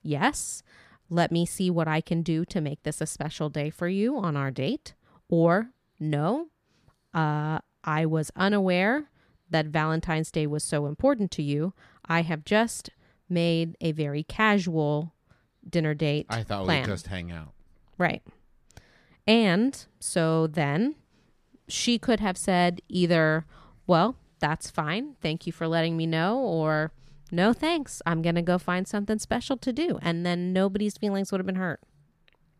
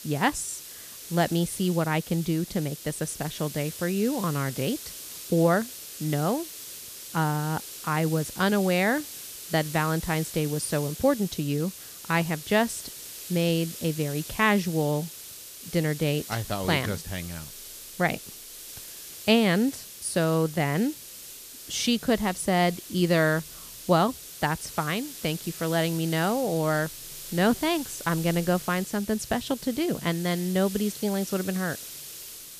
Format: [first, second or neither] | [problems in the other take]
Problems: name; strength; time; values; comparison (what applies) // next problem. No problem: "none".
first | hiss; noticeable; throughout; 10 dB below the speech